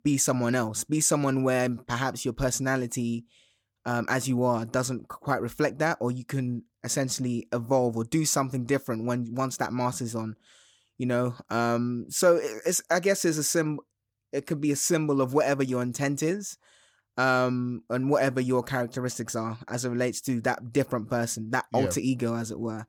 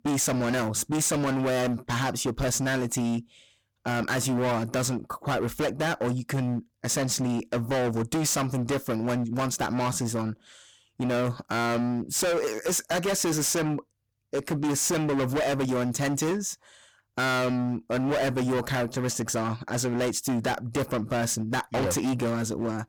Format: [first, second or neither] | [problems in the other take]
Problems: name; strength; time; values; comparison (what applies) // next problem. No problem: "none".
first | distortion; heavy; 27% of the sound clipped